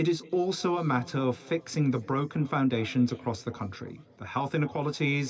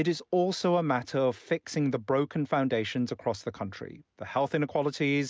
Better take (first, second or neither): second